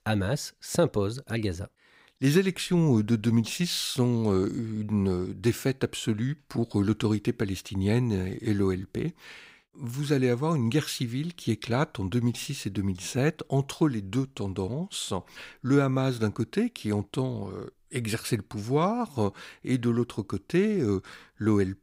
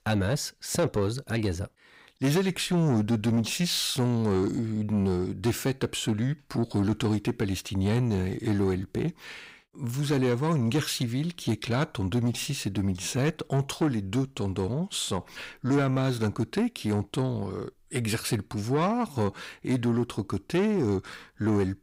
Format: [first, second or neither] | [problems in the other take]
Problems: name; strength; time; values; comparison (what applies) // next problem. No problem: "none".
first | distortion; slight; 10 dB below the speech